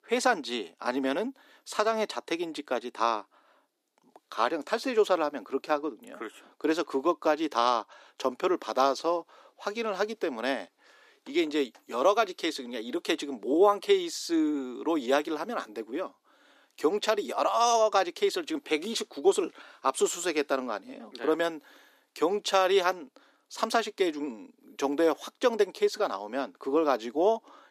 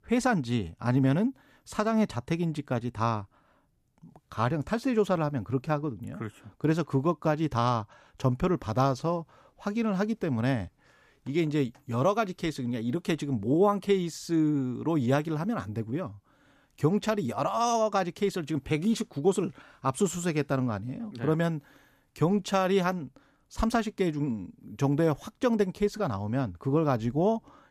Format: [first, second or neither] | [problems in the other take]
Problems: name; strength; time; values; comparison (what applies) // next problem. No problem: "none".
second | thin; somewhat; fading below 300 Hz